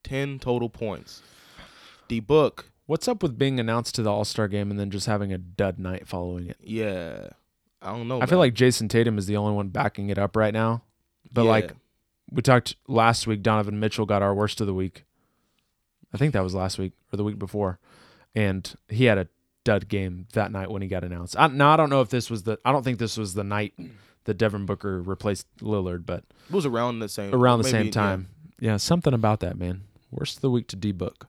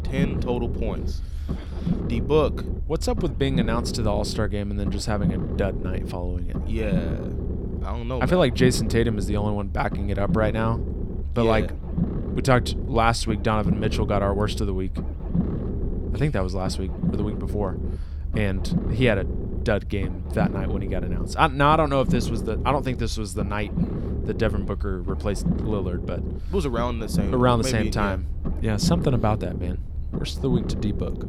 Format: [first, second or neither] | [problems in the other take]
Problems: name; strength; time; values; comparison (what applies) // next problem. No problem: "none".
first | low rumble; noticeable; throughout; 10 dB below the speech